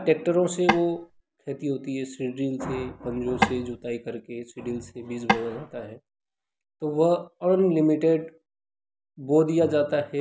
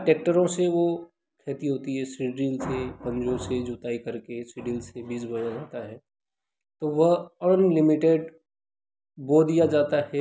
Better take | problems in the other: second | background sound (Tap / Wood); 1 dB below the speech

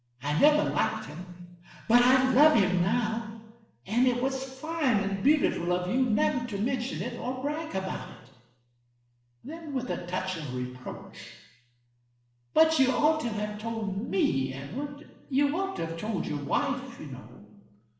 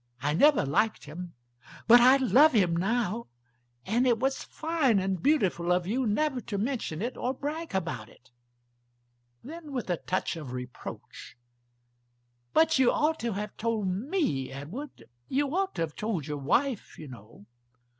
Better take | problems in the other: second | room echo; dies away in 0.9 s

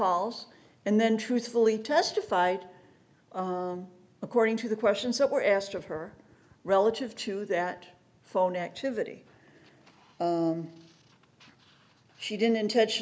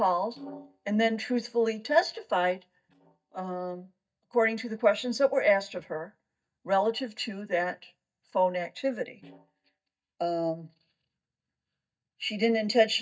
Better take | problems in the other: first | noise reduction (neural mask model DeepFilterNet 3)

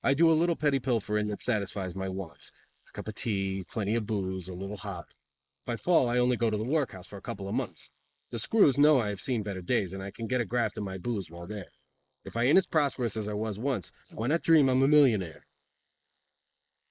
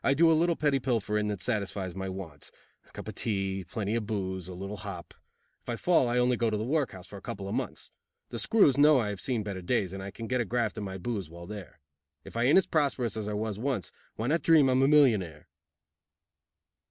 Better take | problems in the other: second | noise reduction (neural mask model Resemble Enhance denoiser)

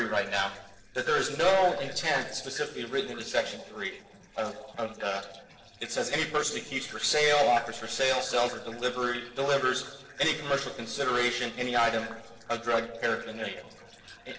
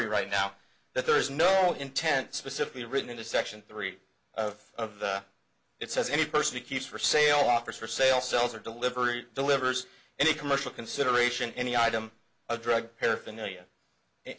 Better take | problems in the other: second | noise reduction (neural separator model SepFormer DNS4)

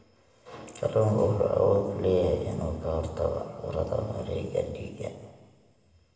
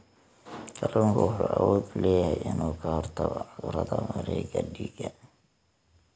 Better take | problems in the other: second | room echo; dies away in 1.6 s

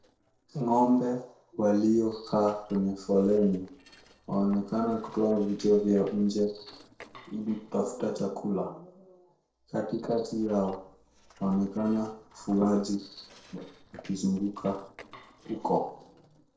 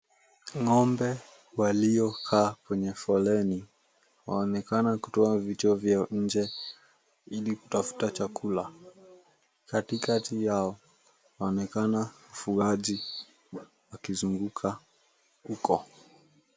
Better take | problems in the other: second | noise reduction (neural separator model SepFormer DNS4)

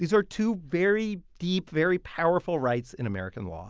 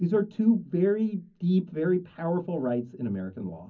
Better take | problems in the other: first | room echo; dies away in 0.4 s

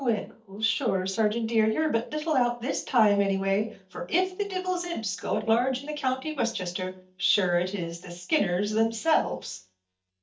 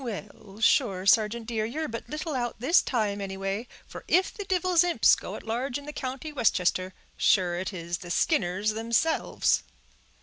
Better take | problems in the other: second | noise reduction (neural mask model DeepFilterNet 3)

